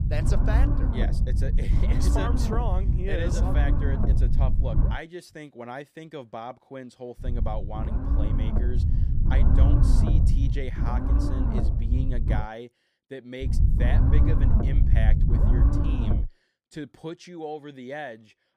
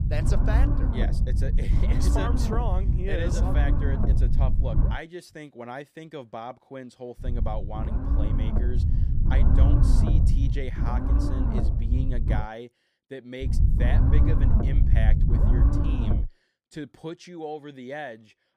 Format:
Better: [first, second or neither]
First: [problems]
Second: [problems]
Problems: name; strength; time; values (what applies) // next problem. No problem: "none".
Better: neither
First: low rumble; loud; until 5 s, from 7 to 12 s and from 13 to 16 s; as loud as the speech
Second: low rumble; loud; until 5 s, from 7 to 12 s and from 13 to 16 s; as loud as the speech